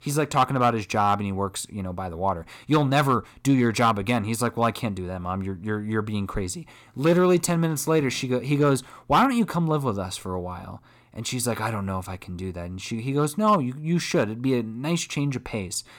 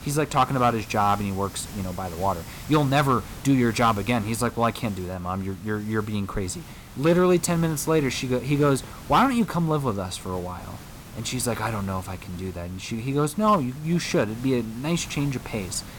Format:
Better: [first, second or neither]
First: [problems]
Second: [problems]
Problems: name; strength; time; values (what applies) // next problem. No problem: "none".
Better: first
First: none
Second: hiss; noticeable; throughout; 15 dB below the speech